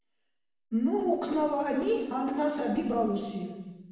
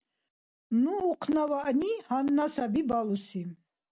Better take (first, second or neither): second